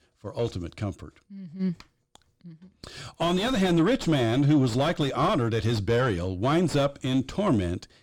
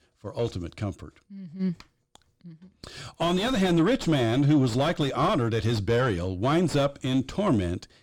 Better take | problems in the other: neither | distortion; heavy; 4 dB below the speech; the same in both

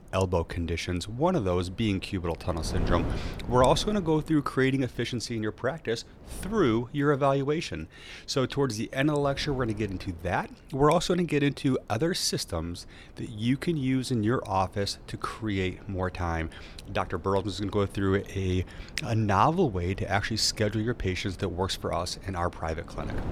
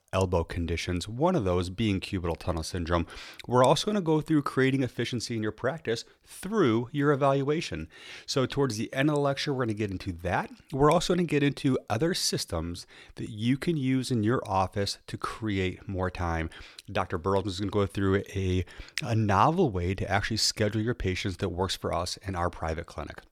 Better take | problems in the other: second | wind noise on the microphone; occasional gusts; 20 dB below the speech

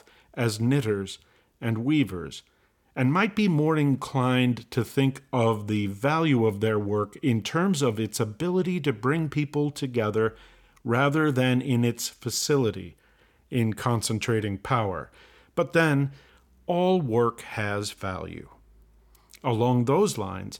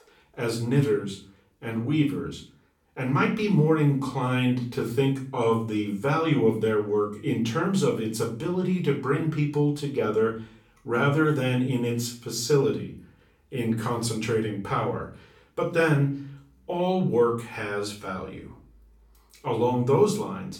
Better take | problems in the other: first | room echo; slight; dies away in 0.4 s // off-mic speech; far

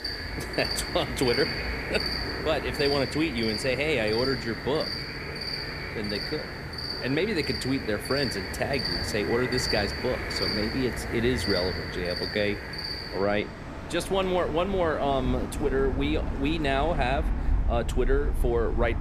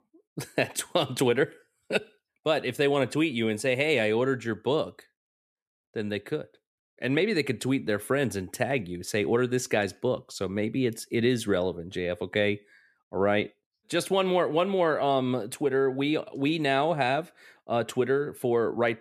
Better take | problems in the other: second | animal sounds; loud; throughout; 3 dB below the speech

